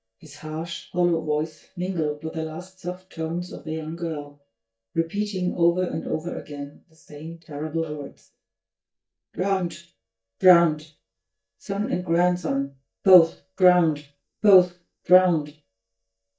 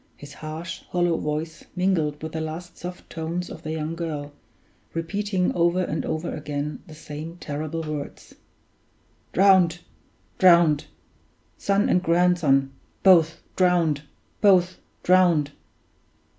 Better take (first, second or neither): second